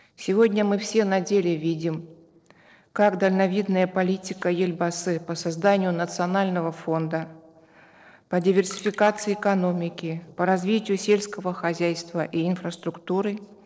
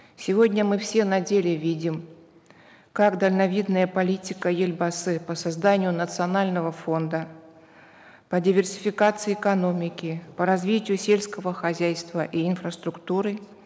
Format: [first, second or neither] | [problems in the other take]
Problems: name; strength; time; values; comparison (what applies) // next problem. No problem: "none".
second | noise reduction (neural separator model SepFormer DNS4)